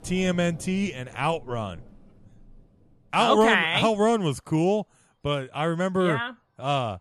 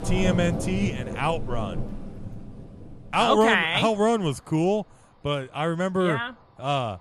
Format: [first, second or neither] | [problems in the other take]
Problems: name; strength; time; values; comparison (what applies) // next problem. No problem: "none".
first | rain or running water; loud; throughout; 8 dB below the speech; faint in the first